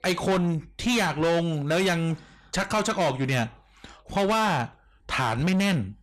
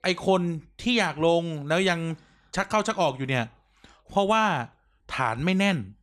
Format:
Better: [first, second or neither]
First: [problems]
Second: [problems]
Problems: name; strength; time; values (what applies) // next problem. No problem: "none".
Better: second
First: distortion; heavy; 7 dB below the speech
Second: none